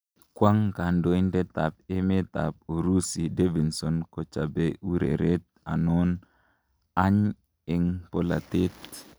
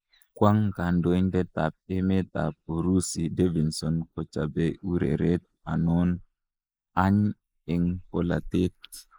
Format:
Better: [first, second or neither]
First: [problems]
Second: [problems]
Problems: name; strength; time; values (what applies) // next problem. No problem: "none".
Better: first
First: none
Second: noise reduction (neural mask model Resemble Enhance denoiser)